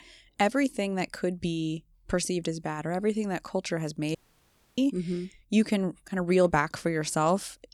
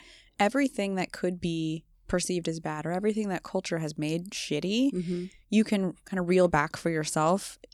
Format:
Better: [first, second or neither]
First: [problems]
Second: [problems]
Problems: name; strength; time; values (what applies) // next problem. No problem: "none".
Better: second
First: audio cutting out; at 4 s for 0.5 s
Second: none